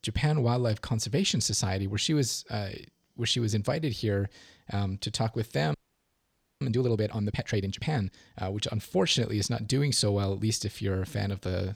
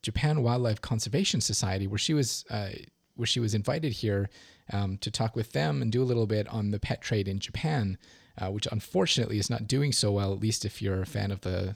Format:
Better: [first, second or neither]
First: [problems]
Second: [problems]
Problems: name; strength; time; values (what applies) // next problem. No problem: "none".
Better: second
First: audio freezing; at 5.5 s for 1 s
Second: none